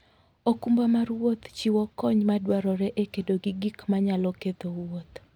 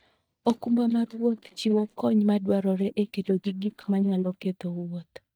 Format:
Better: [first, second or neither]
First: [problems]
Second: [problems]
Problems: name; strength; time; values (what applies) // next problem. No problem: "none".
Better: first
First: none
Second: noise reduction (neural mask model DeepFilterNet 3)